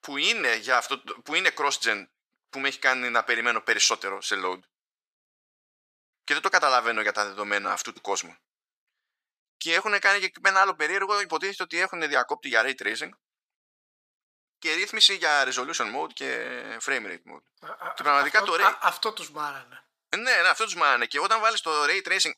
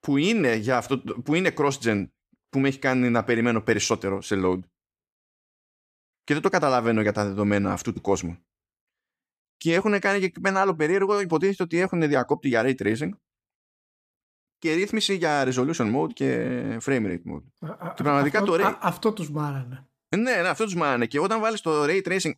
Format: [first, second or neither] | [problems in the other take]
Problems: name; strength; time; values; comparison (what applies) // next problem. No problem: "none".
second | thin; very; fading below 800 Hz